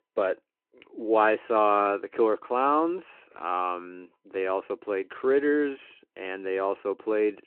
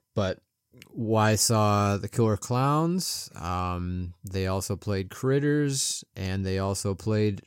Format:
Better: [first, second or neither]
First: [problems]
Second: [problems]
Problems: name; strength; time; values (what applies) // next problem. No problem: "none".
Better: second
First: phone-call audio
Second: none